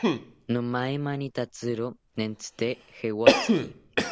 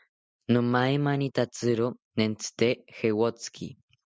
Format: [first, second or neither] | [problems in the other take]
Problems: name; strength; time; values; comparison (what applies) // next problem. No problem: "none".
second | background sound (Cough); 3 dB above the speech